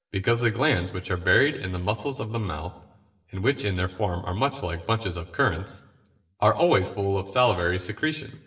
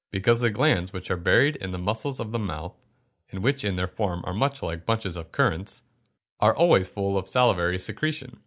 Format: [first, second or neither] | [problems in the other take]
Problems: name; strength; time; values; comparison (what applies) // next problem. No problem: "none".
second | room echo; dies away in 0.8 s